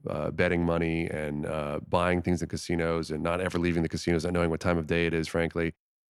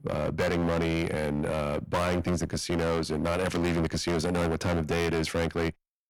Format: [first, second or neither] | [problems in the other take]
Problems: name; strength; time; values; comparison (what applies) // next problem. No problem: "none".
first | distortion; heavy; 18% of the sound clipped